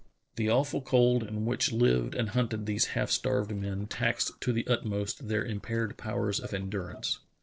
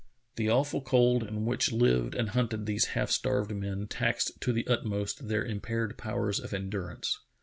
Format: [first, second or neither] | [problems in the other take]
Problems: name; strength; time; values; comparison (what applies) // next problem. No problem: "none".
second | noise reduction (neural separator model SepFormer DNS4)